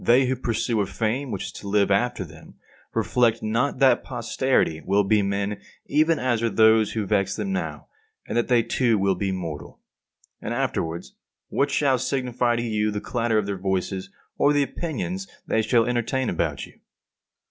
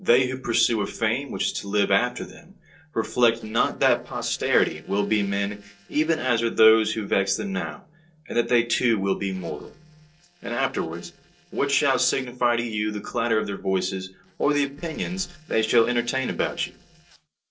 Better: first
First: none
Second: noise reduction (neural separator model SepFormer DNS4)

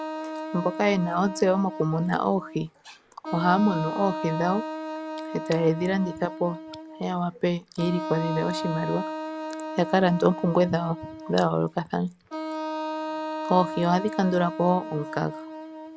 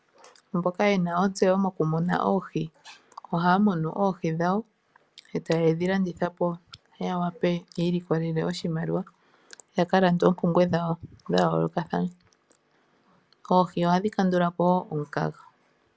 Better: second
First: background sound (Wind instrument, woodwind instrument); 8 dB below the speech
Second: none

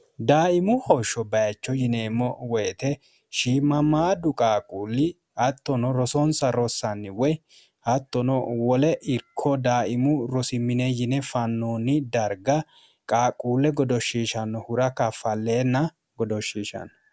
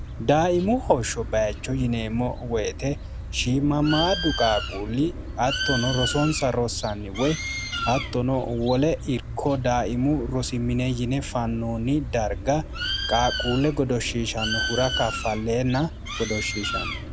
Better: first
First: none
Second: background sound (Bird); 6 dB below the speech

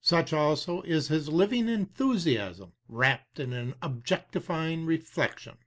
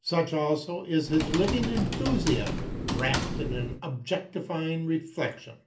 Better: first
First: none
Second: background sound (Typing); 4 dB below the speech // room echo; dies away in 0.3 s

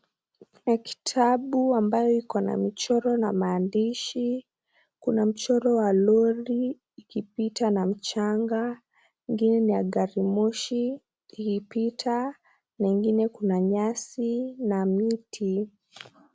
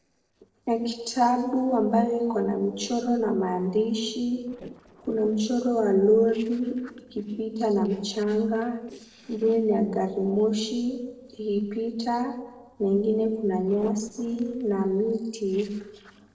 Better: first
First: none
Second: noise reduction (neural separator model SepFormer DNS4)

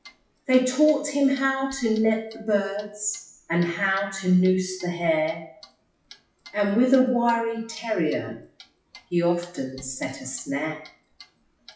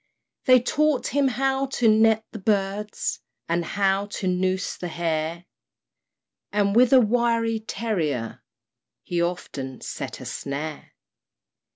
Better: second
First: noise reduction (classical method WPE with log-MMSE)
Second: none

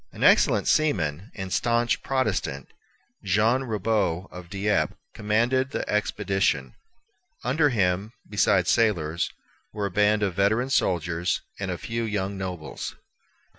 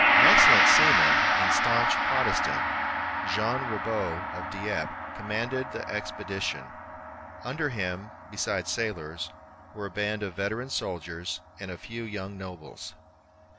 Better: first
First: none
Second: background sound (Gong); 5 dB above the speech

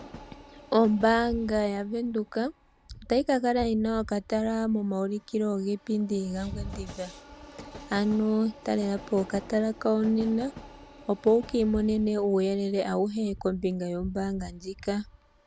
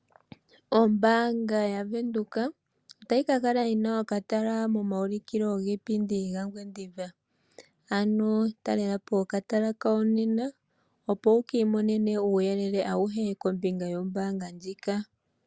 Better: second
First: background sound (Train); 17 dB below the speech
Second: none

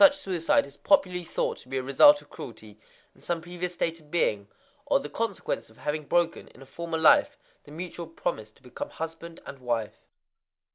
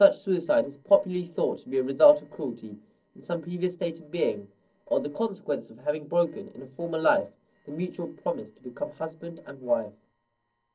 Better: first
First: none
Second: noise reduction (neural separator model SepFormer DNS4)

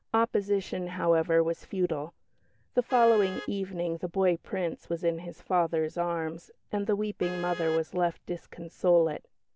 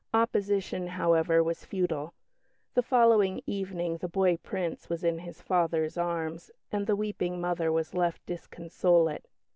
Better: second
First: background sound (Vehicle horn, car horn, honking); 20 dB below the speech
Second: none

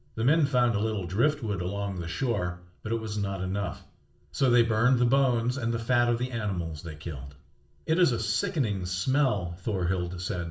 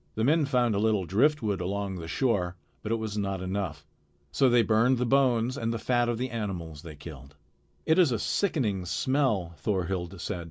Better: second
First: room echo; dies away in 0.4 s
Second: none

